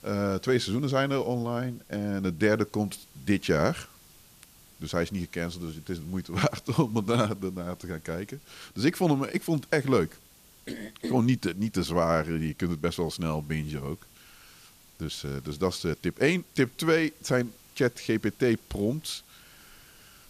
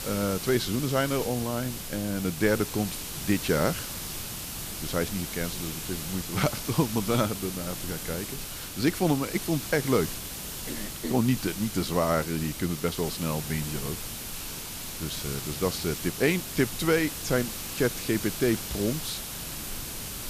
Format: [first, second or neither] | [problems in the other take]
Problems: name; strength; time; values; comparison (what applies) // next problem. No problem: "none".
first | hiss; loud; throughout; 6 dB below the speech; faint in the first